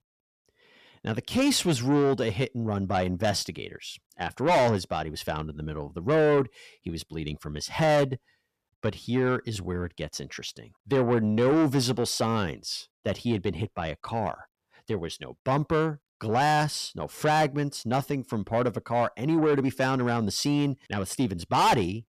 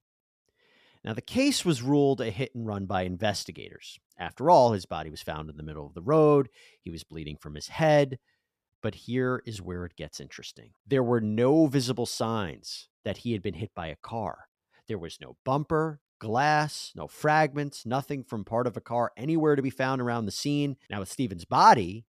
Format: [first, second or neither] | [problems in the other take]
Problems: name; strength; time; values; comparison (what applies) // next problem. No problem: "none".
second | distortion; heavy; 7 dB below the speech